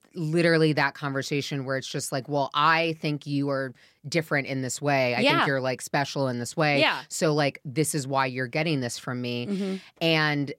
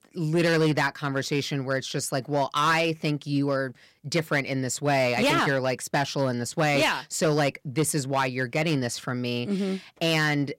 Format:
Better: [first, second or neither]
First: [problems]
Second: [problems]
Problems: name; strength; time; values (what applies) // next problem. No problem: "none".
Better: first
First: none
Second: distortion; slight; 5% of the sound clipped